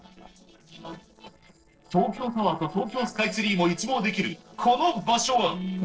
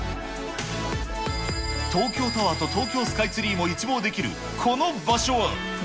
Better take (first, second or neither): second